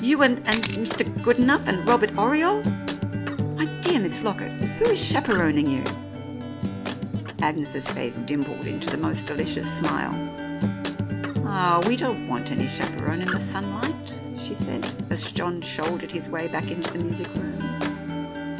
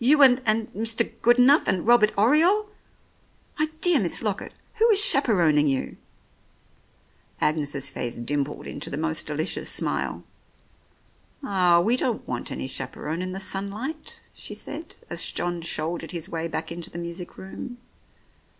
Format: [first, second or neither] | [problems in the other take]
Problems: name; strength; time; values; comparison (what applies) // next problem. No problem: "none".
second | background sound (Camera + Acoustic guitar); 3 dB below the speech